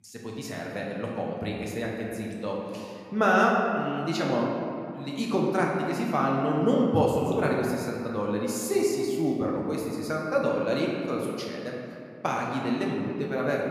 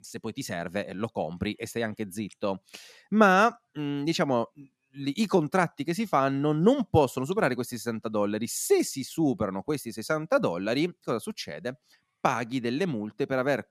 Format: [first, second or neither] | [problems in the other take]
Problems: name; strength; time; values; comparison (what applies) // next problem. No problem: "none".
second | room echo; noticeable; dies away in 2.2 s // off-mic speech; somewhat distant